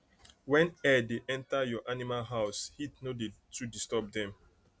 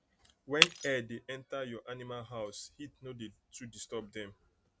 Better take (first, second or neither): first